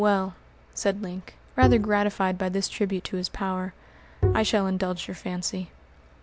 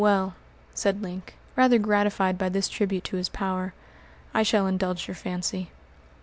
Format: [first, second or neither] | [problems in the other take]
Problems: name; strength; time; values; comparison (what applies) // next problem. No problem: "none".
second | background sound (Bowed string instrument); as loud as the speech